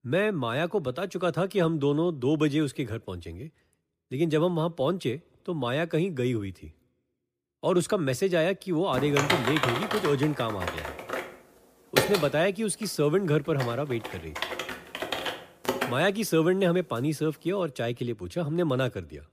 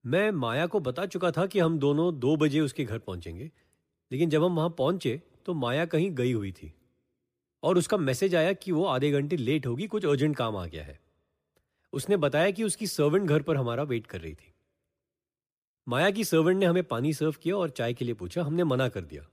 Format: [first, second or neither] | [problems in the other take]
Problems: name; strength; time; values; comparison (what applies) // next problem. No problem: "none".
second | keyboard typing; loud; from 9 to 16 s; peak 2 dB above the speech